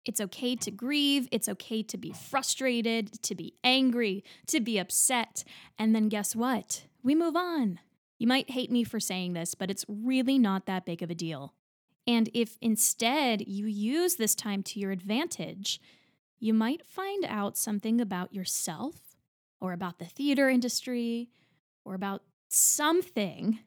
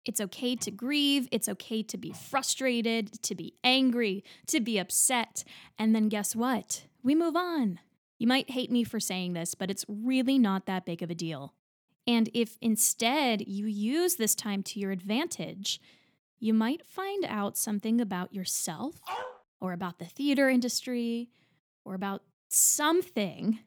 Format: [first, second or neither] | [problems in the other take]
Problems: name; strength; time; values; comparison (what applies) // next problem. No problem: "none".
first | dog barking; noticeable; at 19 s; peak 9 dB below the speech